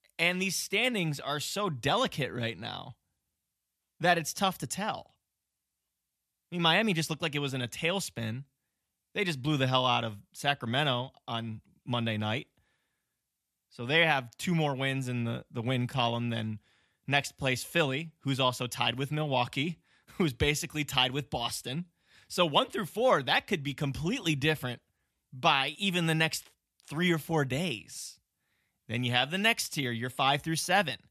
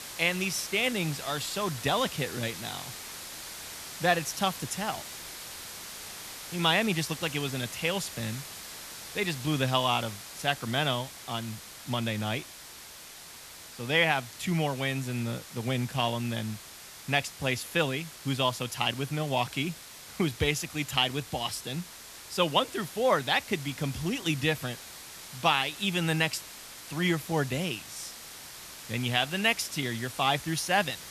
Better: first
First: none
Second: hiss; noticeable; throughout; 10 dB below the speech

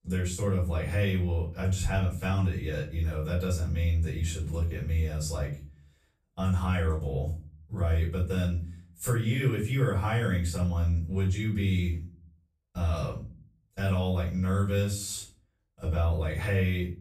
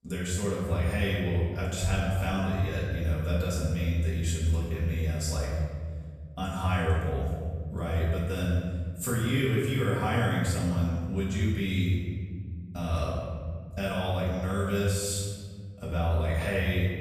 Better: first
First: room echo; slight; dies away in 0.4 s // off-mic speech; far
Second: room echo; strong; dies away in 2 s // off-mic speech; far

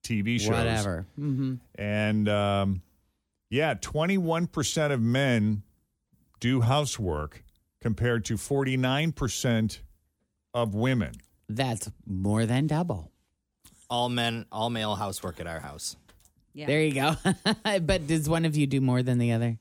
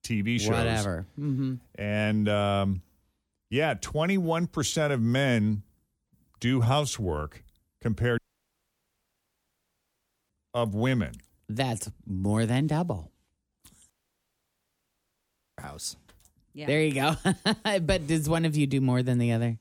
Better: first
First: none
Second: audio cutting out; at 8 s for 2 s and at 14 s for 1.5 s

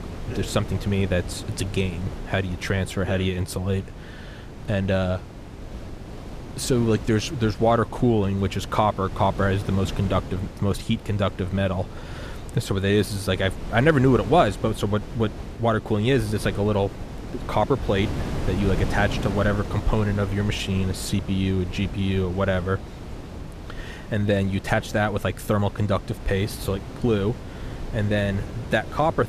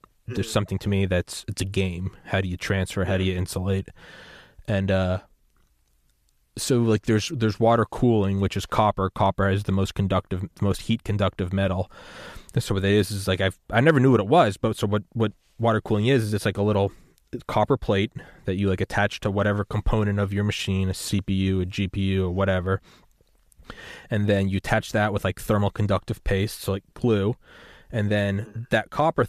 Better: second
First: wind noise on the microphone; occasional gusts; 15 dB below the speech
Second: none

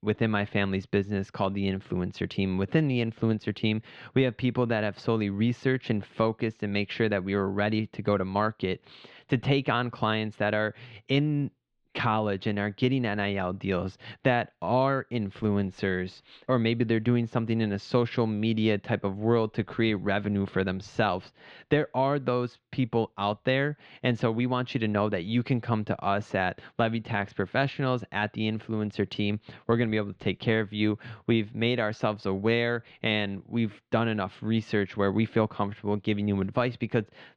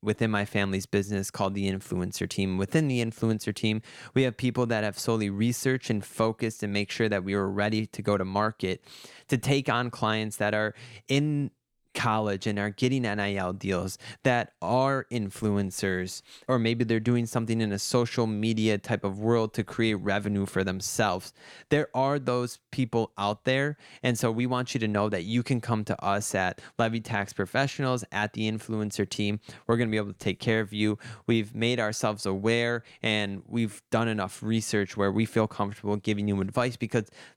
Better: second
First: muffled; slightly; fading above 3.5 kHz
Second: none

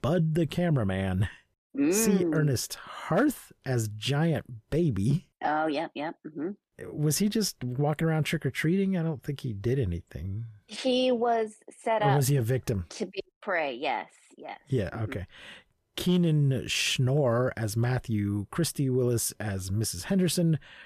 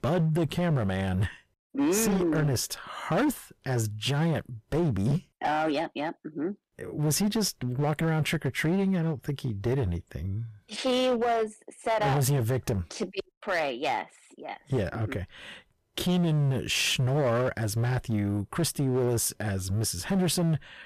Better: first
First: none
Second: distortion; slight; 12% of the sound clipped

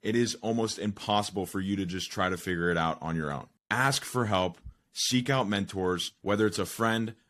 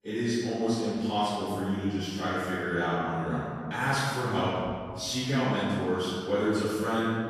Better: first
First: none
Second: off-mic speech; far // room echo; strong; dies away in 1.8 s

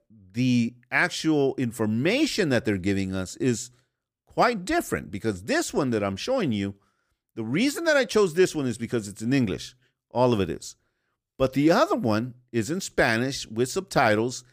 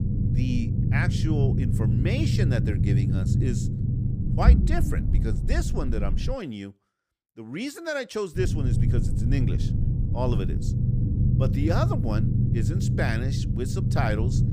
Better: first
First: none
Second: low rumble; loud; until 6.5 s and from 8.5 s on; 3 dB below the speech

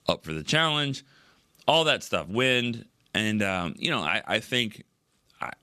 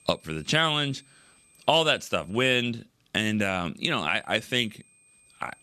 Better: first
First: none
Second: high-pitched whine; faint; until 2.5 s and from 4 s on; 8.5 kHz, 30 dB below the speech

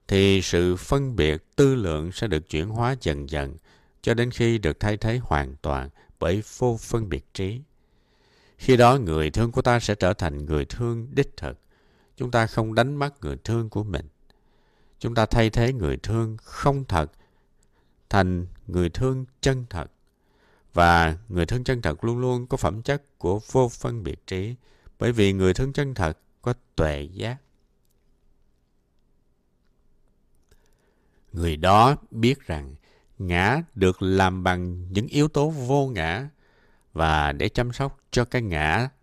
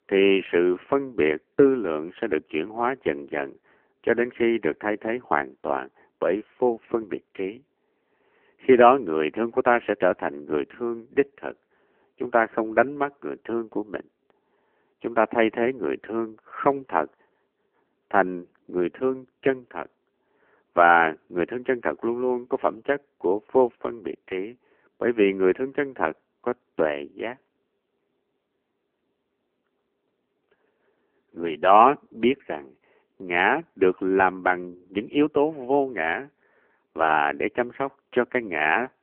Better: first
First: none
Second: phone-call audio; poor line; nothing above 3 kHz

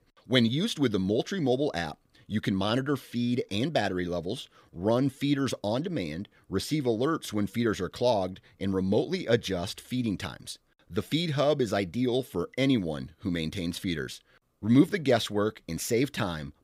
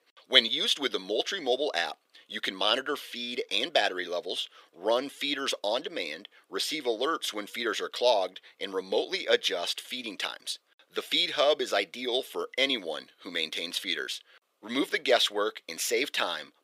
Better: first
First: none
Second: thin; very; fading below 450 Hz

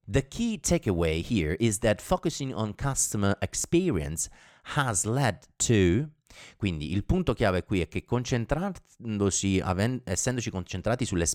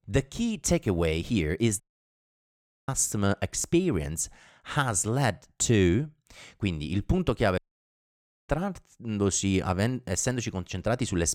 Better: first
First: none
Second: audio cutting out; at 2 s for 1 s and at 7.5 s for 1 s

